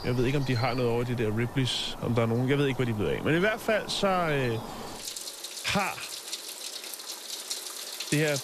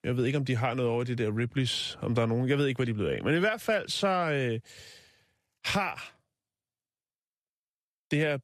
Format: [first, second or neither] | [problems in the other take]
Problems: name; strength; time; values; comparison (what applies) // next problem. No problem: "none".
second | animal sounds; loud; throughout; 10 dB below the speech